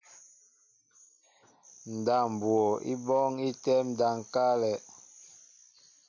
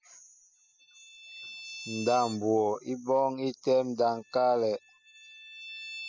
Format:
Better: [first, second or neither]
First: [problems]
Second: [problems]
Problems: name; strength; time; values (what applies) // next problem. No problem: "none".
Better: first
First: none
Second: noise reduction (classical method spectral subtraction)